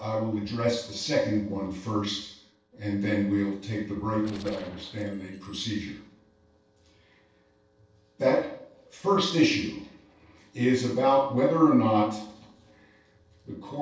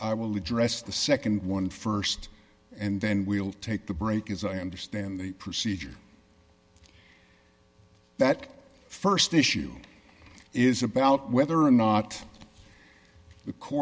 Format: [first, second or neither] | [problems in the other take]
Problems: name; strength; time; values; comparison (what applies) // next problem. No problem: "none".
second | noise reduction (neural separator model SepFormer DNS4)